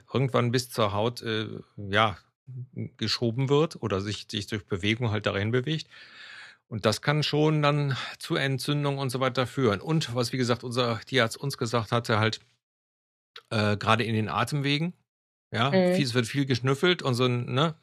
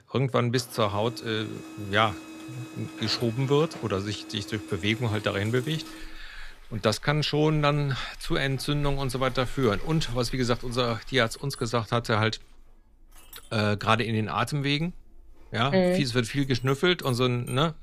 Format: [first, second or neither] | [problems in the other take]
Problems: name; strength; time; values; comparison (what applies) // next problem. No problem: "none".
first | household noises; noticeable; throughout; 20 dB below the speech